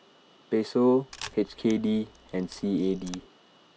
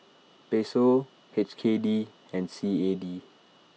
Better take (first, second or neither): second